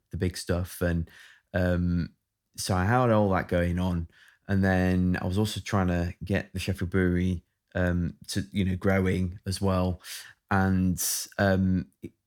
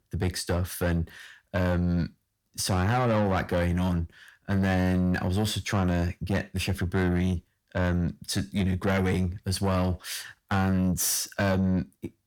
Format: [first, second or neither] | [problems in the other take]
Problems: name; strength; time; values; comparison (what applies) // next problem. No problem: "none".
first | distortion; slight; 10 dB below the speech